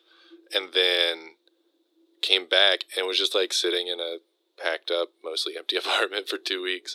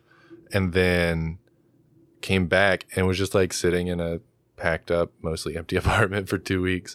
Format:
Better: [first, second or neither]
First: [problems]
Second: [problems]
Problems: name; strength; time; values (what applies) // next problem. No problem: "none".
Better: second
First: thin; very; fading below 300 Hz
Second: none